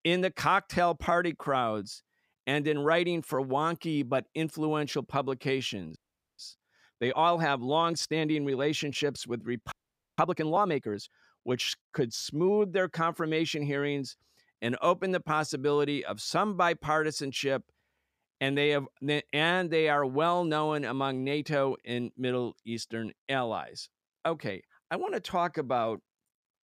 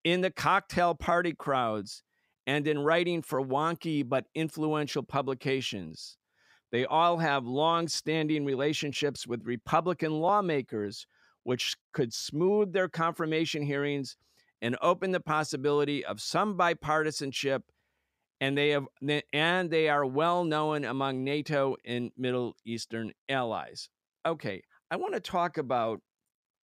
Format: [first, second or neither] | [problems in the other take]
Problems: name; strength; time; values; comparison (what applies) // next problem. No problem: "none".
second | audio freezing; at 6 s and at 9.5 s